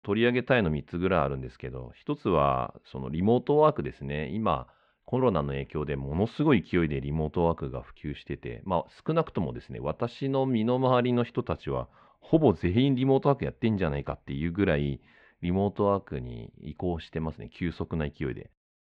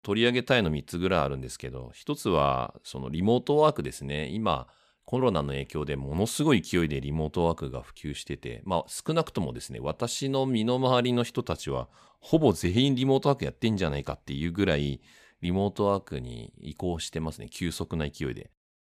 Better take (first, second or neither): second